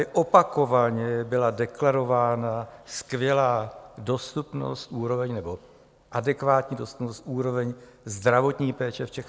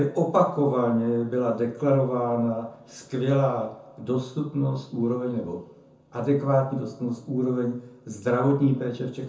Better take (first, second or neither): first